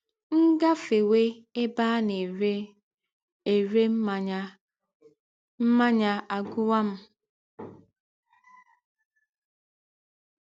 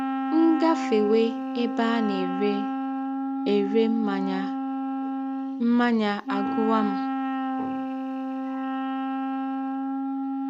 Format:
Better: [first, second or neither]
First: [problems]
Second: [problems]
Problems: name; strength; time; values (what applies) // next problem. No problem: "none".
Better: first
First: none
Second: background sound (Wind instrument, woodwind instrument); 1 dB below the speech